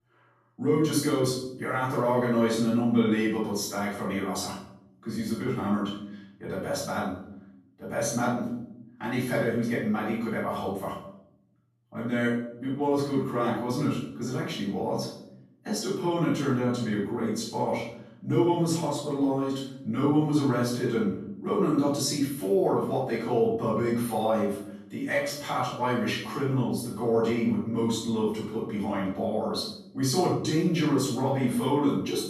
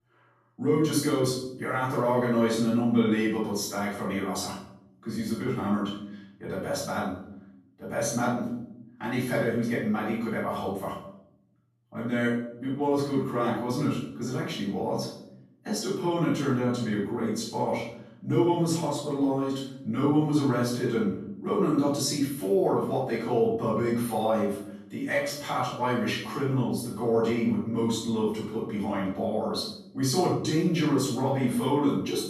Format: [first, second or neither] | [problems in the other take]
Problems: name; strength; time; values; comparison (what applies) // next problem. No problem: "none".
neither | room echo; noticeable; dies away in 0.7 s; the same in both // off-mic speech; far; the same in both